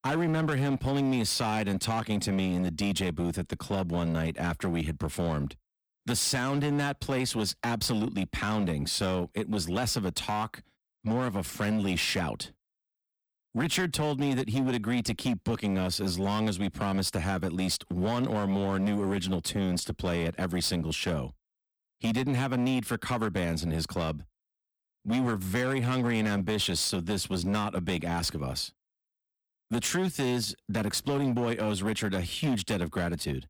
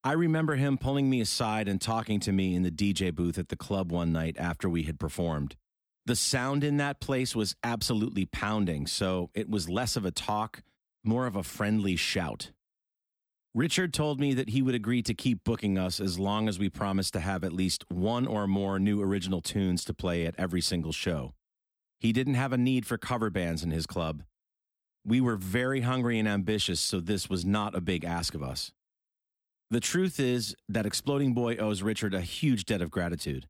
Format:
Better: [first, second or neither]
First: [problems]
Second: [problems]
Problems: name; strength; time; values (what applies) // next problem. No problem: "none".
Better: second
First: distortion; slight; 14% of the sound clipped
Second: none